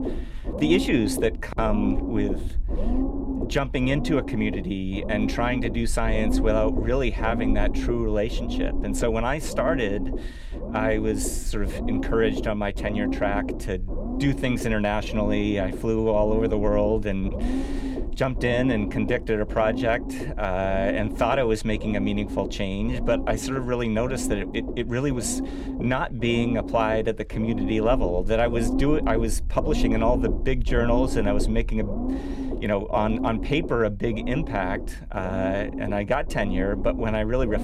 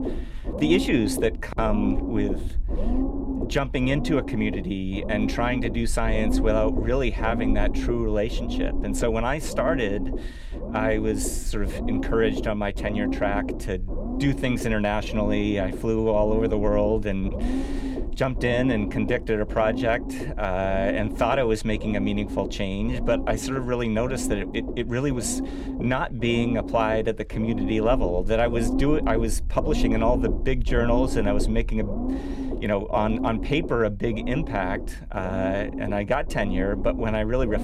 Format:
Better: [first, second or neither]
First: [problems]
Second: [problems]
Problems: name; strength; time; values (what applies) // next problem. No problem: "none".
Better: neither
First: low rumble; loud; throughout; 9 dB below the speech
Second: low rumble; loud; throughout; 9 dB below the speech